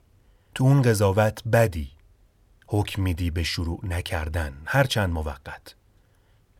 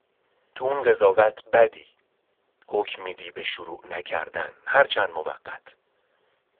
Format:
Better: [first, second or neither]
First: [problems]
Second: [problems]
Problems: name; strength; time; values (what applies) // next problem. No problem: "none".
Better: first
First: none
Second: phone-call audio; poor line; nothing above 3.5 kHz